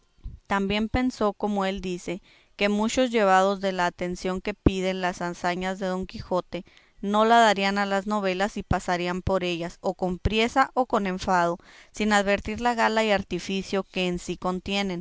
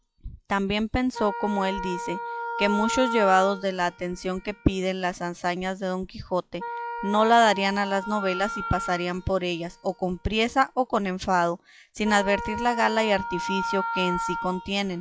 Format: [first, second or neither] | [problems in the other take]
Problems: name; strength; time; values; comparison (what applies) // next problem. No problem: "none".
first | noise reduction (classical method log-MMSE)